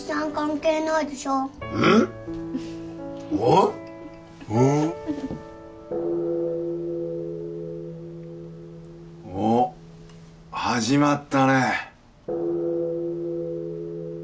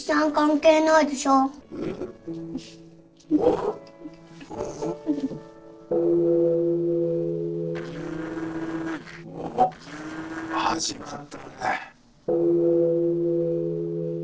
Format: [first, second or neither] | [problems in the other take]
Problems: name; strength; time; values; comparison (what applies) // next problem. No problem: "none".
first | noise reduction (neural separator model SepFormer DNS4)